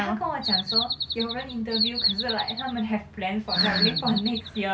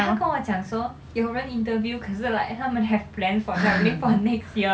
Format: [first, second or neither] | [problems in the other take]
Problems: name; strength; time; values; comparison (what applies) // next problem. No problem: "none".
second | background sound (Bird vocalization, bird call, bird song); as loud as the speech